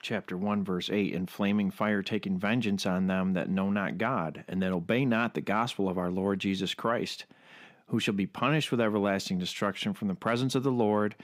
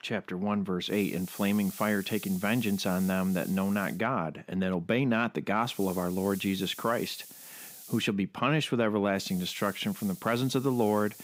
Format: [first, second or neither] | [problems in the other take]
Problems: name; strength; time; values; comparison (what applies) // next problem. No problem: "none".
first | hiss; noticeable; from 1 to 4 s, from 5.5 to 8 s and from 9 s on; 15 dB below the speech